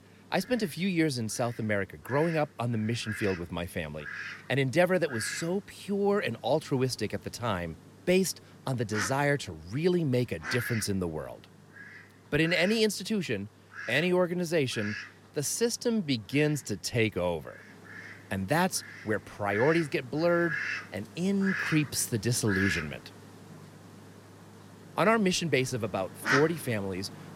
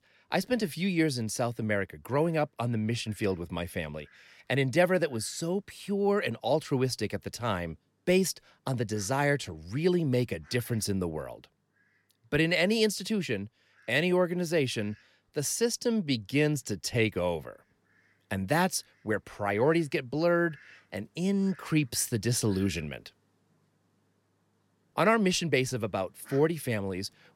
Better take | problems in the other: second | animal sounds; loud; throughout; 8 dB below the speech; faint in the second

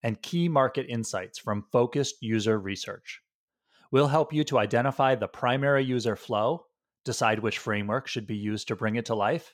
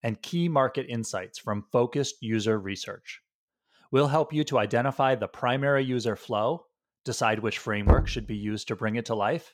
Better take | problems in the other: first | door banging; loud; at 8 s; peak 3 dB above the speech

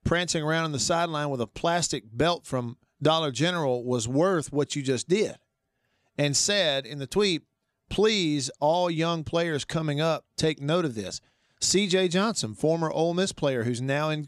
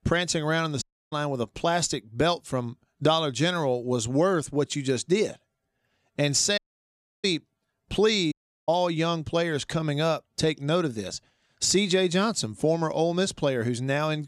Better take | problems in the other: first | audio cutting out; at 1 s, at 6.5 s for 0.5 s and at 8.5 s

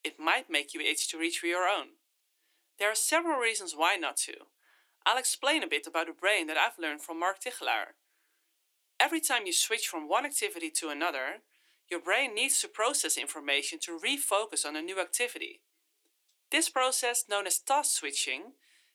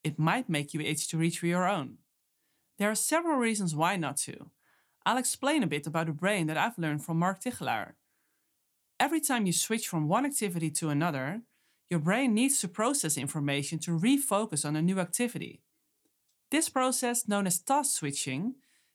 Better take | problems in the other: second | thin; very; fading below 350 Hz

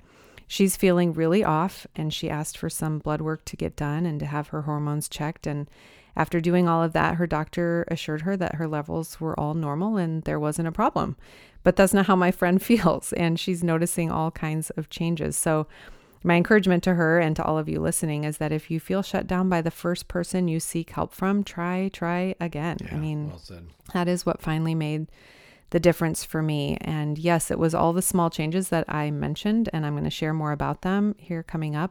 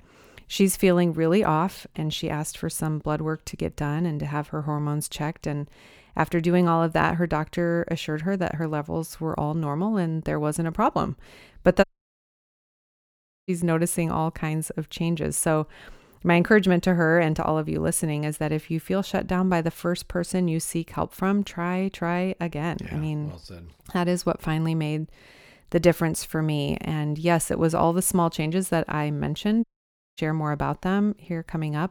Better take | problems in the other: first | audio cutting out; at 12 s for 1.5 s and at 30 s for 0.5 s

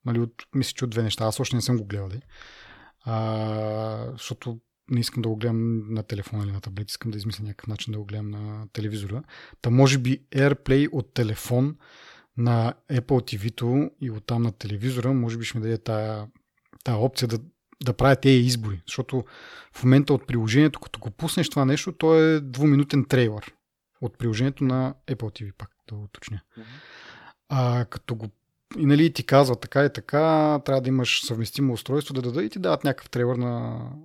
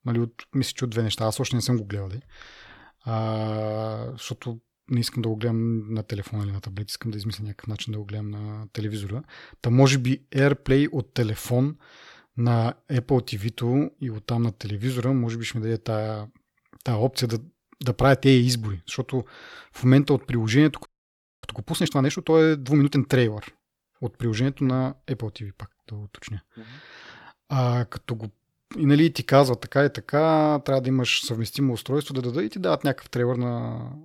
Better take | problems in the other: first | audio freezing; at 21 s for 0.5 s

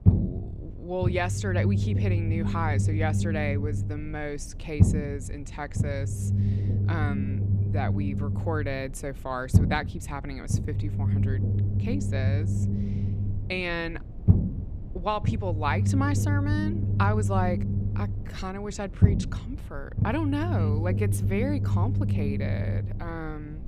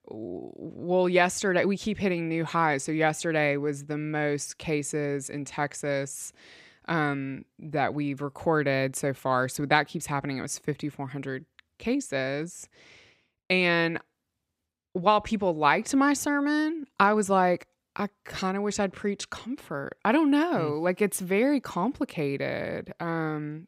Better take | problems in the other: second | low rumble; loud; throughout; 6 dB below the speech

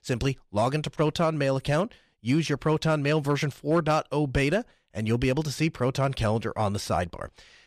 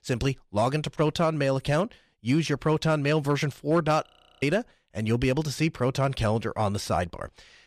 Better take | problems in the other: first | audio freezing; at 4 s

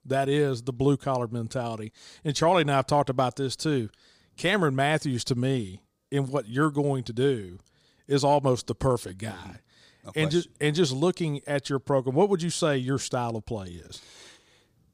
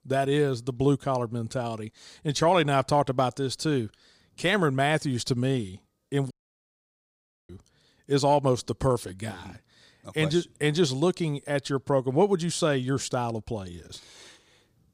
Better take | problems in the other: first | audio cutting out; at 6.5 s for 1 s

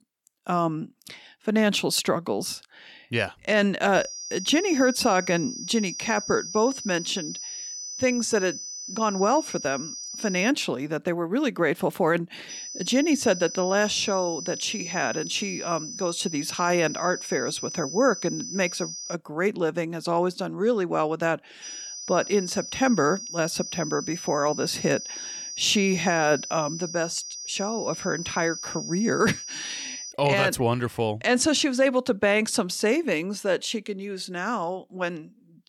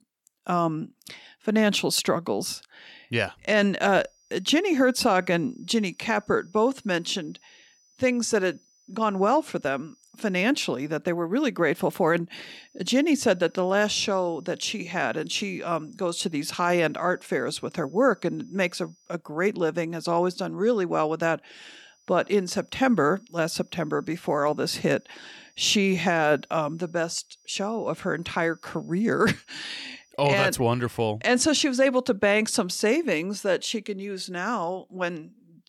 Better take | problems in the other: second | high-pitched whine; loud; from 4 to 11 s, from 13 to 19 s and from 22 to 30 s; 6 kHz, 8 dB below the speech; faint in the second

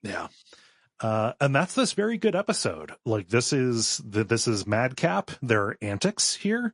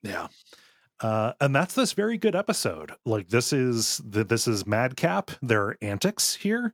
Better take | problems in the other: second | garbled, watery; slightly; nothing above 10.5 kHz

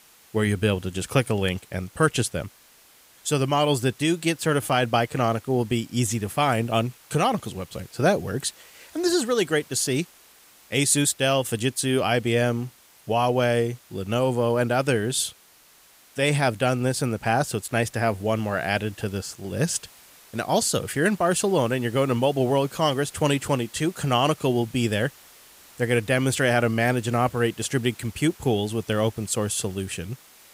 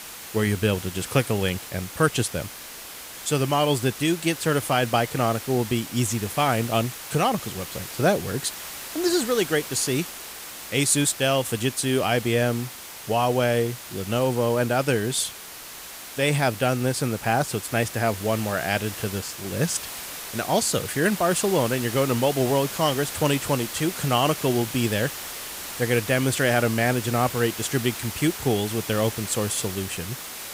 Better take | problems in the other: first | hiss; loud; throughout; 10 dB below the speech; faint in the first

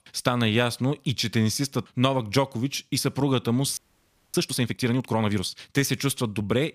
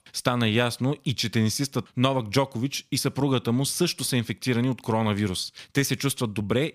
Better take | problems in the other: second | audio freezing; at 4 s for 0.5 s

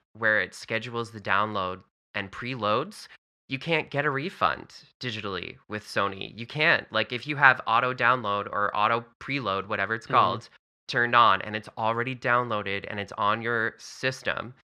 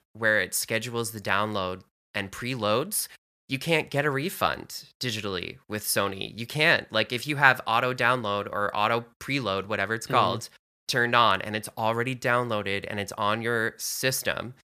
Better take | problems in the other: second | muffled; slightly; fading above 3.5 kHz

